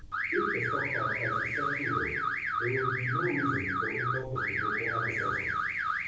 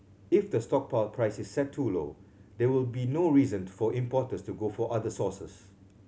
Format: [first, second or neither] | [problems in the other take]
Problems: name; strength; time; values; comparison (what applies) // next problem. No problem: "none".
second | background sound (Alarm / Car); 4 dB above the speech // room echo; dies away in 1.1 s